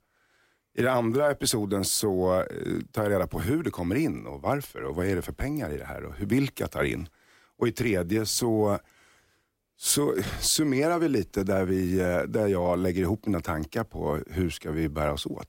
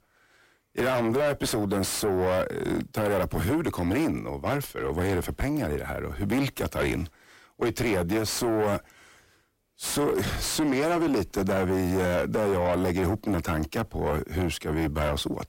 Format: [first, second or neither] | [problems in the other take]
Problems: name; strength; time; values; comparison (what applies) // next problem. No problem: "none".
first | distortion; heavy; 6 dB below the speech